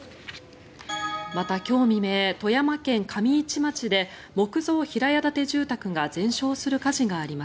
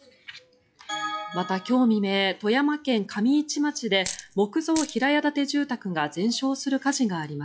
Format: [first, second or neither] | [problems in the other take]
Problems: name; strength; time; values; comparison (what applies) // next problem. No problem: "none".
first | noise reduction (classical method log-MMSE)